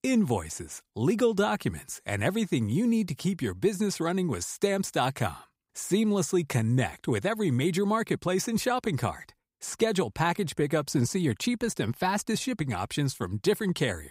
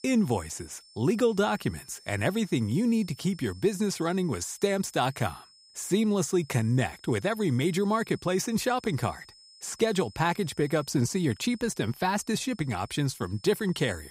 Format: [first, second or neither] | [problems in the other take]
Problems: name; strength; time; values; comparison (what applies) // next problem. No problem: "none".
first | high-pitched whine; faint; throughout; 5.5 kHz, 25 dB below the speech